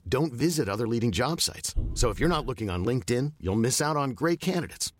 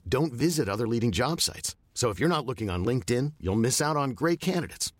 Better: second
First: dog barking; noticeable; at 2 s; peak 7 dB below the speech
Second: none

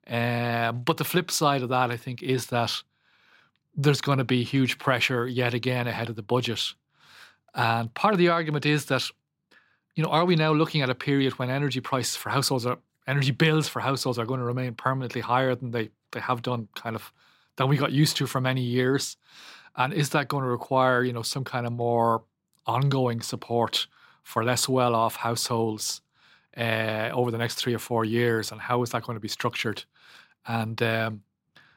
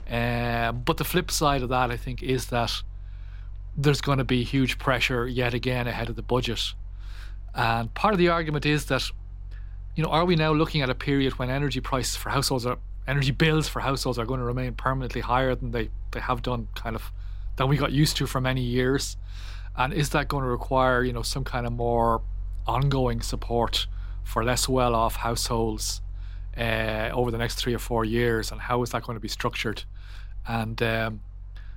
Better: first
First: none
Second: machinery noise; noticeable; throughout; 15 dB below the speech

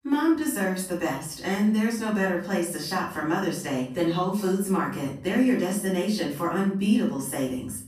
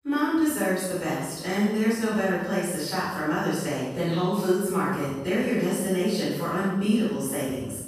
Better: first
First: room echo; slight; dies away in 0.5 s // off-mic speech; far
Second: room echo; strong; dies away in 0.9 s // off-mic speech; far

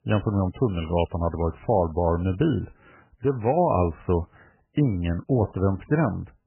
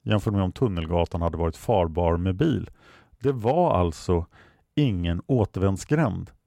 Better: second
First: garbled, watery; badly; nothing above 3 kHz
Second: none

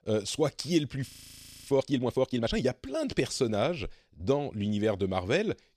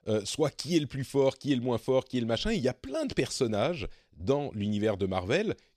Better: second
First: audio freezing; at 1 s for 0.5 s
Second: none

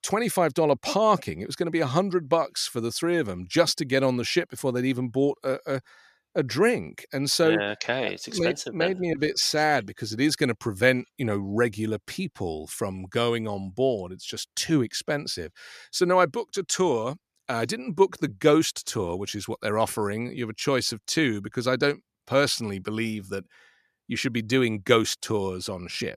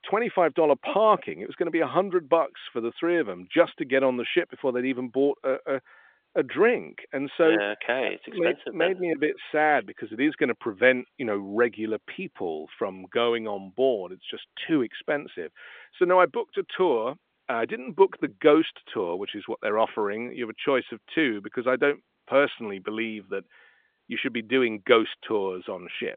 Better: first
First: none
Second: phone-call audio; nothing above 3.5 kHz

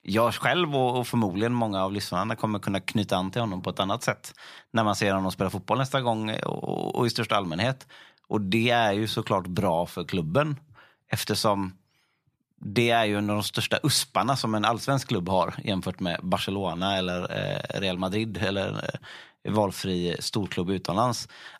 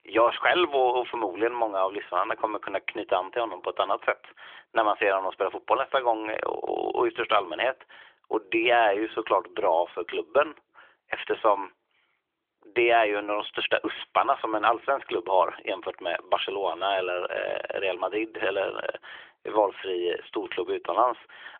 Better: first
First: none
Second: phone-call audio; nothing above 3.5 kHz

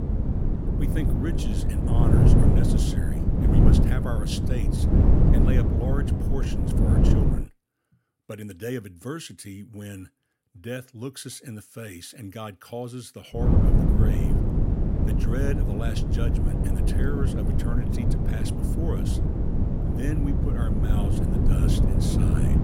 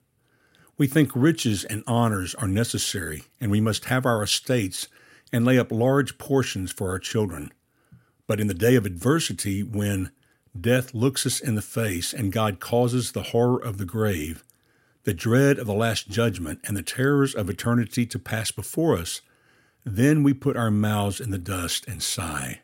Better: second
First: wind noise on the microphone; heavy; until 7.5 s and from 13 s on; 4 dB above the speech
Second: none

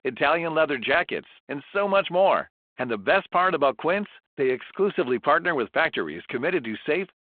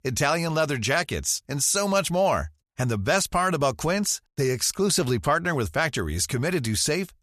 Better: second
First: phone-call audio; nothing above 3.5 kHz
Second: none

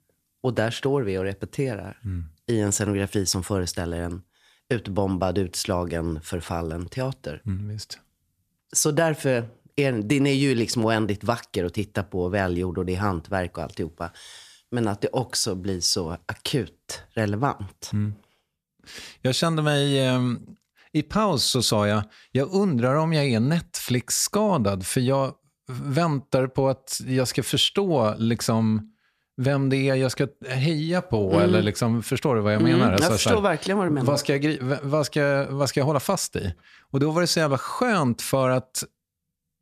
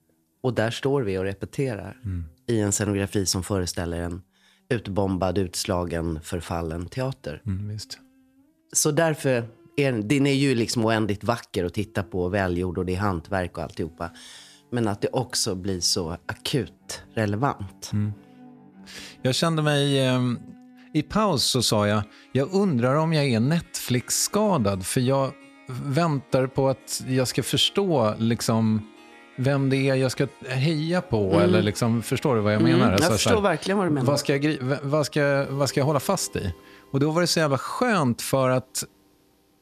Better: first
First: none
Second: background music; faint; throughout; 25 dB below the speech

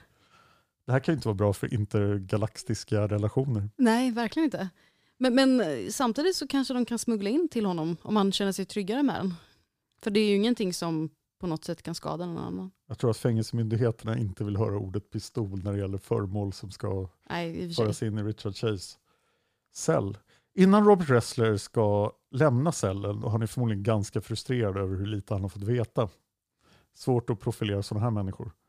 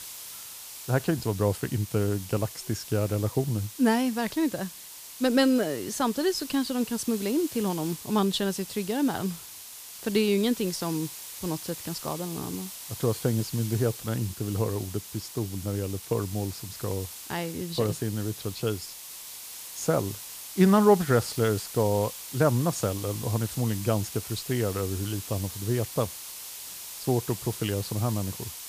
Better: first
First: none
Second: hiss; noticeable; throughout; 10 dB below the speech

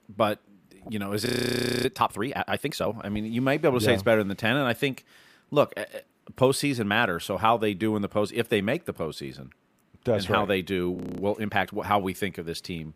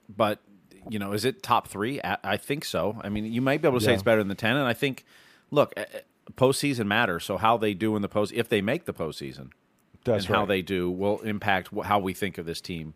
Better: second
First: audio freezing; at 1.5 s for 0.5 s and at 11 s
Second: none

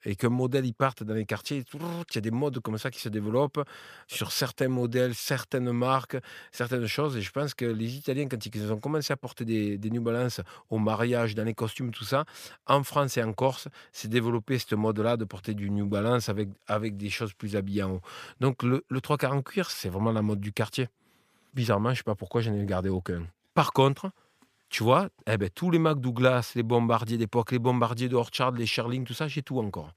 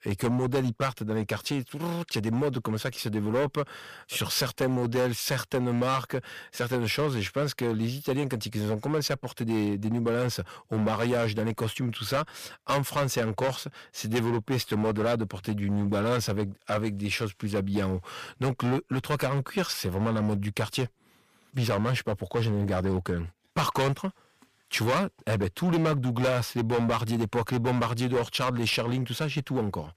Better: first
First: none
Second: distortion; heavy; 10% of the sound clipped

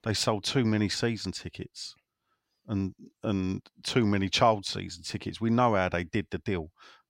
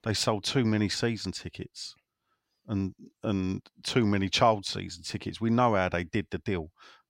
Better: neither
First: none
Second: none

